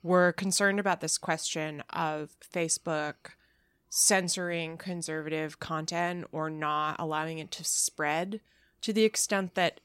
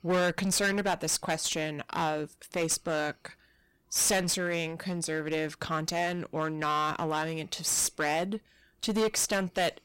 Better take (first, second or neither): first